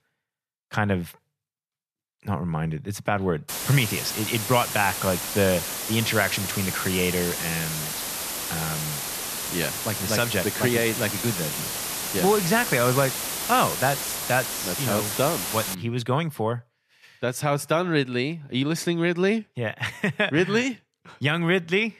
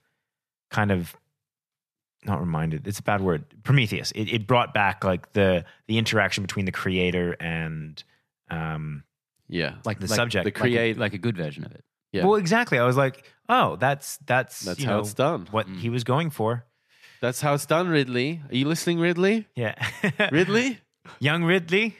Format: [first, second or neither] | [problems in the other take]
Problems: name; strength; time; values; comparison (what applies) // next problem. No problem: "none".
second | hiss; loud; from 3.5 to 16 s; 3 dB below the speech